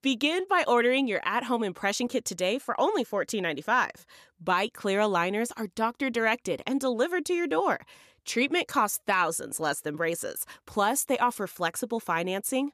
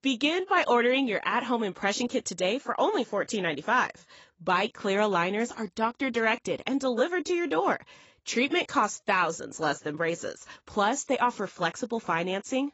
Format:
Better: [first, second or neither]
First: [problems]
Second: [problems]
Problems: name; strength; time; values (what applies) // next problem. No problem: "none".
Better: first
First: none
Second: garbled, watery; badly; nothing above 7.5 kHz